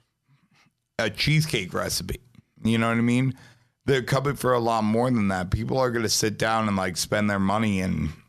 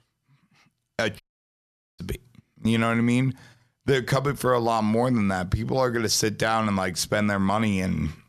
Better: first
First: none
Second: audio cutting out; at 1 s for 1 s

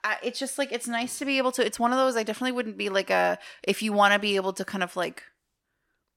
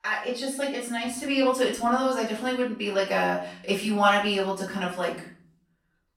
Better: first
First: none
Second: off-mic speech; far // room echo; noticeable; dies away in 0.6 s

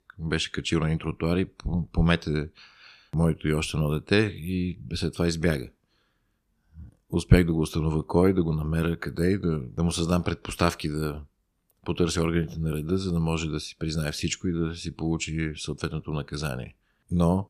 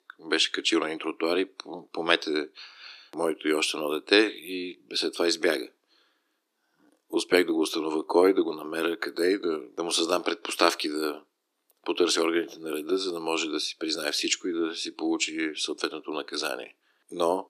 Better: first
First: none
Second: thin; very; fading below 300 Hz

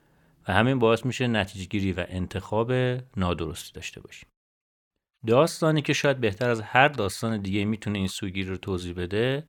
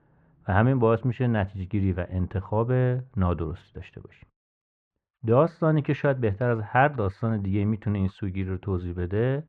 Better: first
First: none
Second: muffled; very; fading above 1.5 kHz

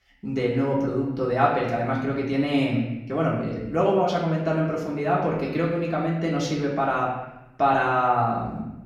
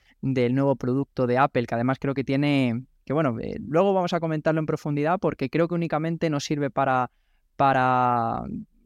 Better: second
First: off-mic speech; far // room echo; noticeable; dies away in 0.9 s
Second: none

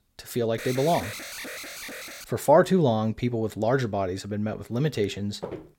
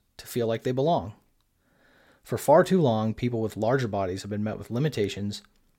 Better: second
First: alarm; noticeable; from 0.5 to 2.5 s; peak 9 dB below the speech // footsteps; faint; at 5.5 s; peak 15 dB below the speech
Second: none

